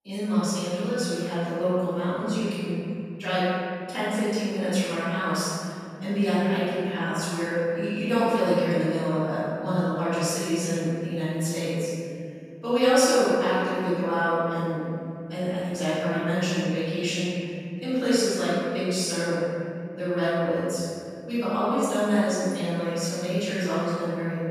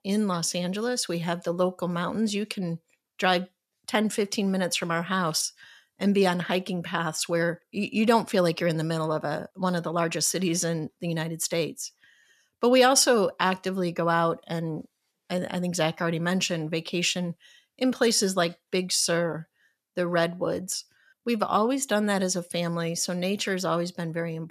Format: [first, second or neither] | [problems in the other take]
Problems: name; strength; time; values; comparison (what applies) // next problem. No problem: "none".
second | off-mic speech; far // room echo; strong; dies away in 2.7 s